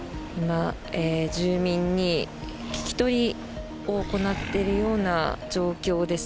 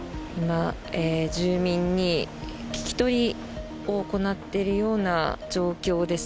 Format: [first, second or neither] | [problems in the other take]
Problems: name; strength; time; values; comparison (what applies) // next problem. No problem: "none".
second | background sound (Animal); 14 dB below the speech